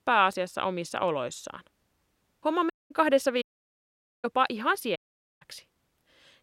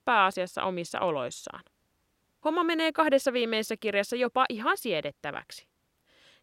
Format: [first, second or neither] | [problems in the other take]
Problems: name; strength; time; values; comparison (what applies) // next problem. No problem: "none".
second | audio cutting out; at 2.5 s, at 3.5 s for 1 s and at 5 s